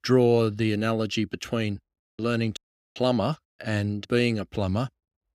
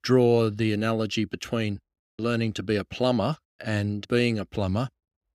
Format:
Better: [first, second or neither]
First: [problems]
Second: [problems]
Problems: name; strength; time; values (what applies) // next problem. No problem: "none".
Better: second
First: audio cutting out; at 2.5 s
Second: none